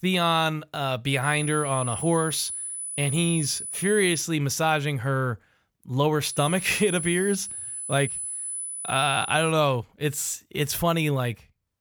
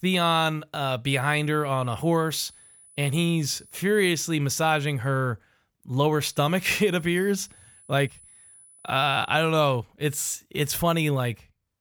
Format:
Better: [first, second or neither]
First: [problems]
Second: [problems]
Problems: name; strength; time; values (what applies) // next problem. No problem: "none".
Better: second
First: high-pitched whine; loud; from 1 to 4 s and from 6.5 to 9.5 s; 10 kHz, 6 dB below the speech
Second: high-pitched whine; faint; from 1 to 4 s and from 6.5 to 9.5 s; 10 kHz, 25 dB below the speech